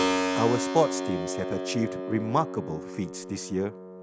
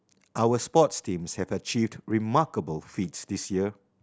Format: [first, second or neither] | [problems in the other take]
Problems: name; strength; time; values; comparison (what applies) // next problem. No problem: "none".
second | background sound (Keyboard (musical)); 2 dB below the speech